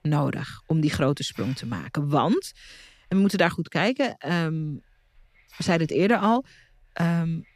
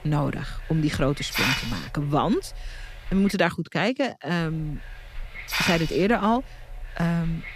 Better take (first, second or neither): first